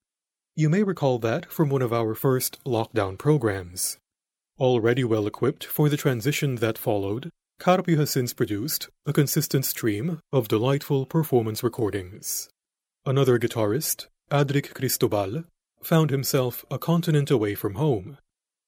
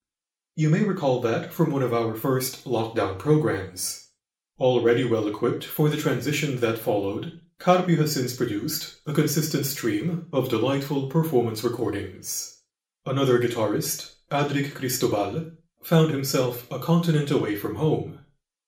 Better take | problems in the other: first | room echo; slight; dies away in 0.4 s // off-mic speech; somewhat distant

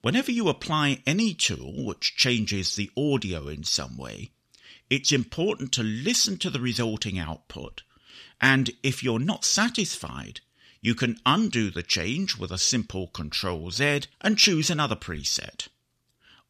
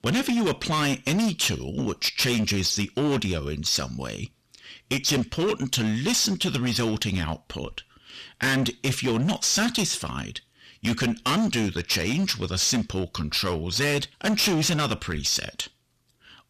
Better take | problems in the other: first | distortion; heavy; 16% of the sound clipped

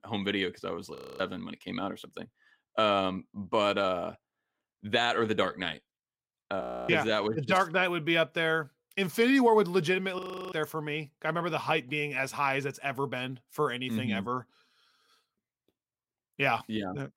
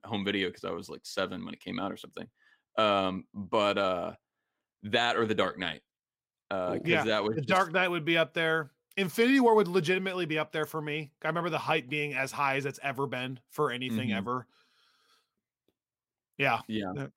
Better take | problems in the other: second | audio freezing; at 1 s, at 6.5 s and at 10 s

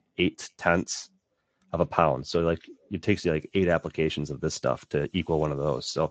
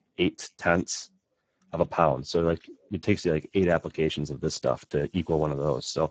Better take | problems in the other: first | garbled, watery; badly; nothing above 7.5 kHz; slightly in the first

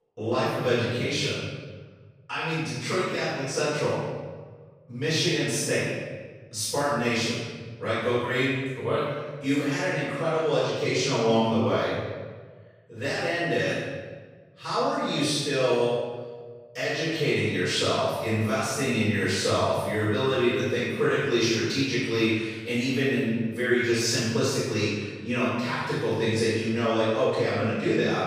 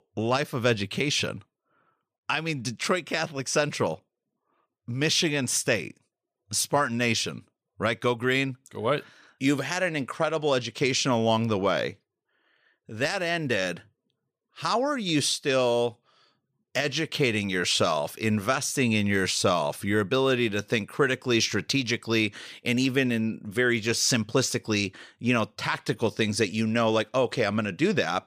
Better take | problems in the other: second | room echo; strong; dies away in 1.3 s // off-mic speech; far

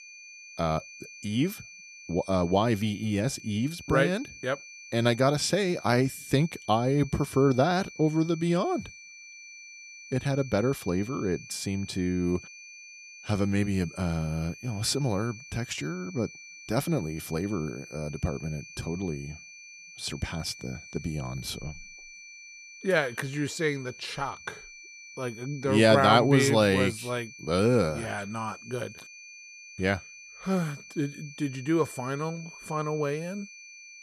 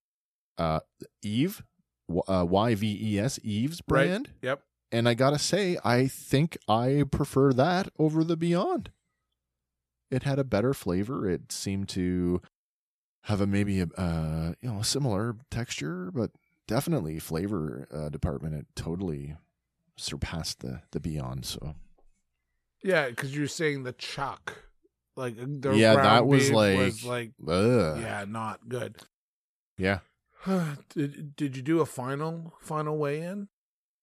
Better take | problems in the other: second | high-pitched whine; noticeable; throughout; 2.5 kHz, 15 dB below the speech

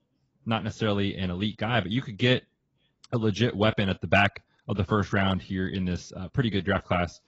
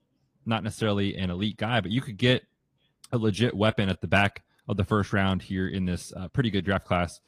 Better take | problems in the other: second | garbled, watery; badly; nothing above 7 kHz; slightly in the second

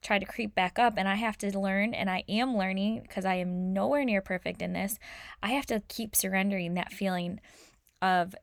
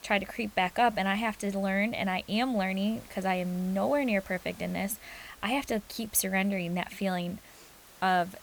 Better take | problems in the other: first | hiss; faint; throughout; 20 dB below the speech

